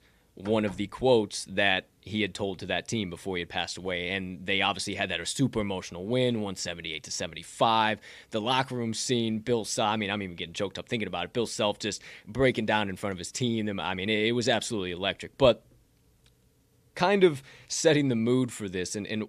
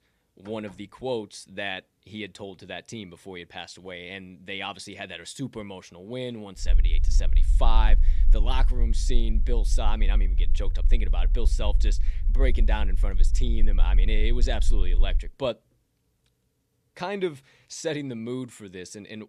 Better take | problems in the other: first | low rumble; noticeable; from 6.5 to 15 s; 15 dB below the speech

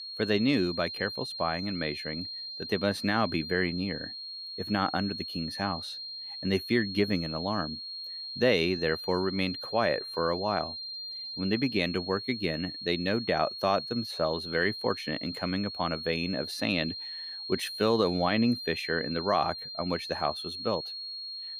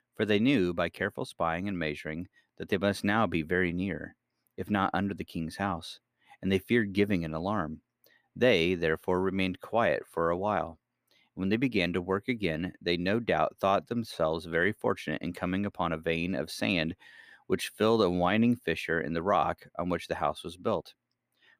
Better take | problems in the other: second | high-pitched whine; loud; throughout; 4 kHz, 7 dB below the speech

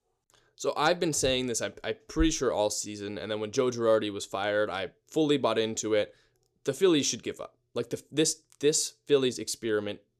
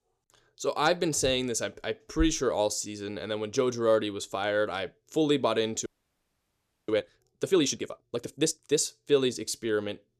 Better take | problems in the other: first | audio freezing; at 6 s for 1 s

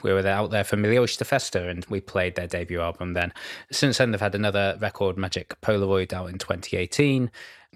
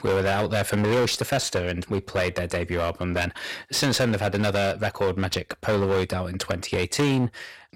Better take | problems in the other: first | distortion; heavy; 16% of the sound clipped

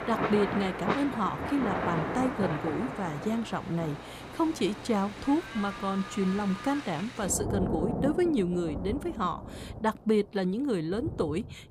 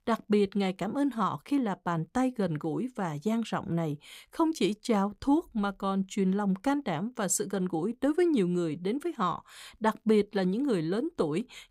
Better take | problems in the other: second | rain or running water; loud; throughout; 6 dB below the speech

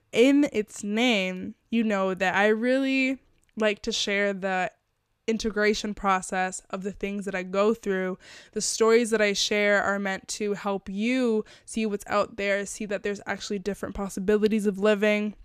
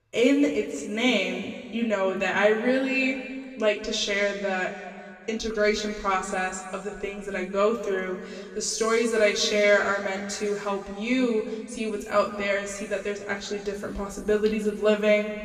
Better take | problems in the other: first | room echo; noticeable; dies away in 1.9 s // off-mic speech; far

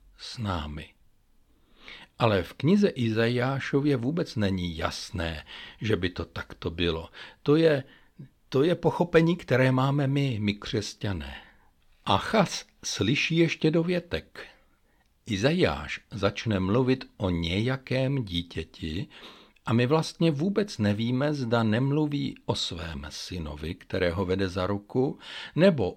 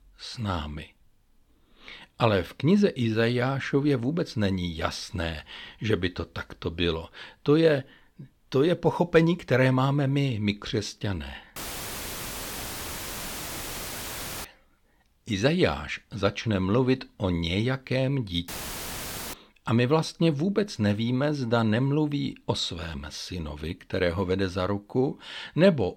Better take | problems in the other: first | audio cutting out; filled with static; at 12 s for 3 s and at 18 s for 1 s

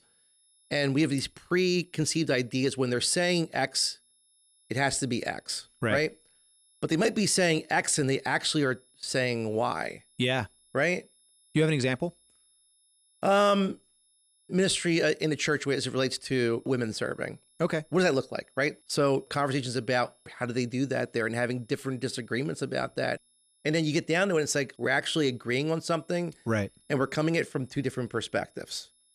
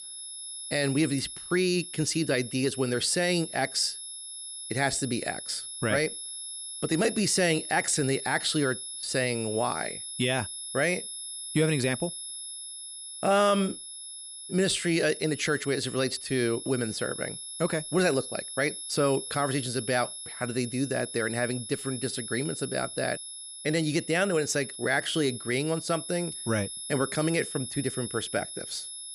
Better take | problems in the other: first | high-pitched whine; loud; throughout; 11 kHz, 8 dB below the speech; faint in the first

